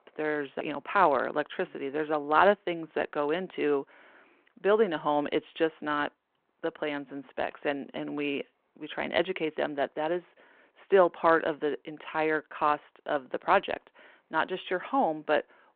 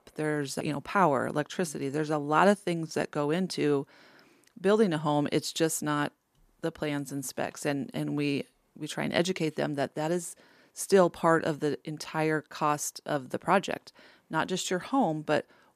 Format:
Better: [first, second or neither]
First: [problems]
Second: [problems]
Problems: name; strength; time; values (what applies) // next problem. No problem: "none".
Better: second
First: phone-call audio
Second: none